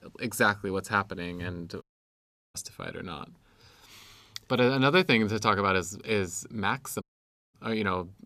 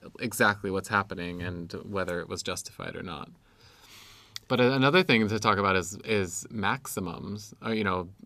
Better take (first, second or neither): second